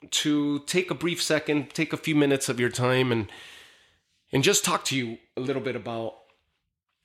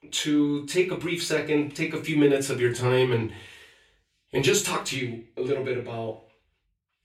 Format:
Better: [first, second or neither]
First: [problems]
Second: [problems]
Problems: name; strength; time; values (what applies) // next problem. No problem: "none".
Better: first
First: none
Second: off-mic speech; far // room echo; very slight; dies away in 0.2 s